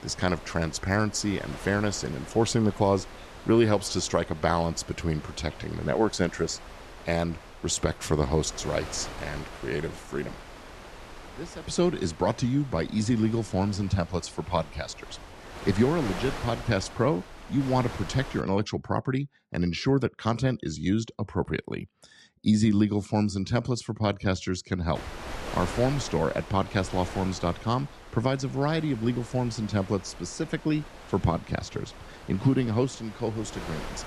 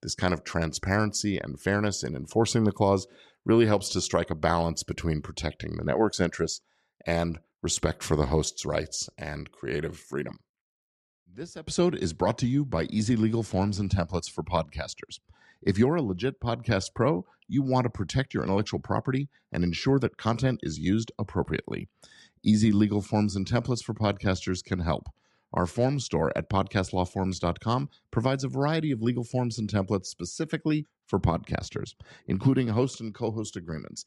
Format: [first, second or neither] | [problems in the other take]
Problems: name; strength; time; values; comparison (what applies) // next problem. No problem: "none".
second | wind noise on the microphone; occasional gusts; until 18 s and from 25 s on; 10 dB below the speech